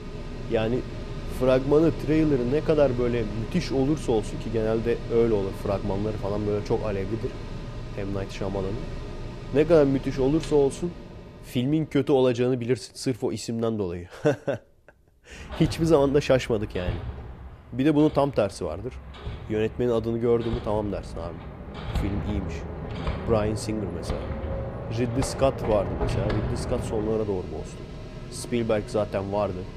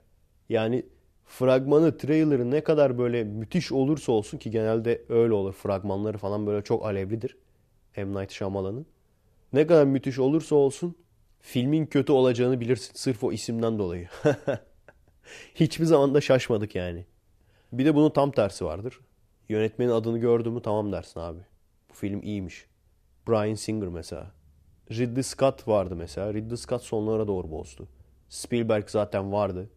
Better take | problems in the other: second | machinery noise; loud; throughout; 10 dB below the speech

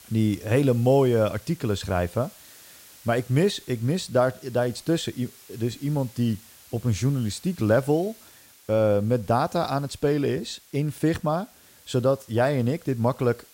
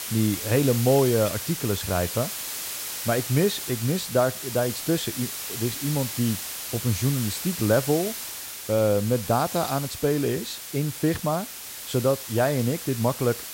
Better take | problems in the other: first | hiss; loud; throughout; 6 dB below the speech; faint in the first

